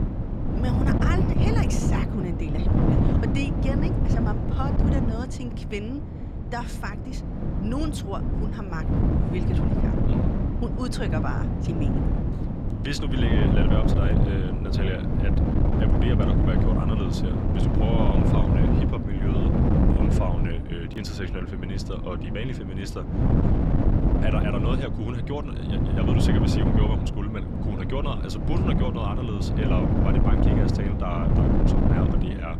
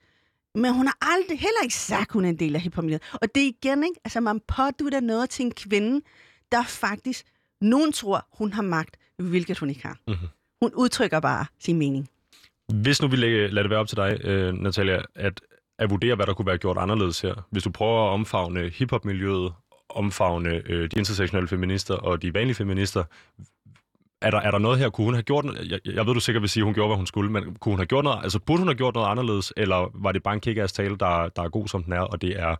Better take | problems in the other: second | wind noise on the microphone; heavy; 2 dB above the speech

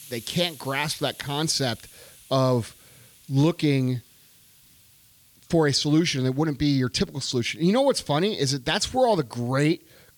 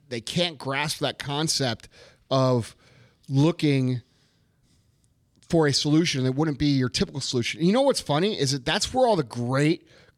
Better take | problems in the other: second | hiss; faint; throughout; 25 dB below the speech

